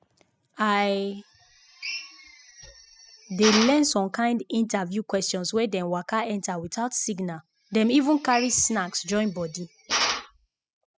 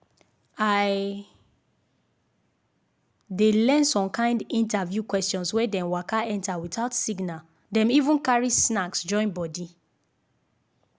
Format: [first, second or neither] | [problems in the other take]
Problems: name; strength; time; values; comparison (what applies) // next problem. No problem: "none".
second | noise reduction (classical method spectral subtraction)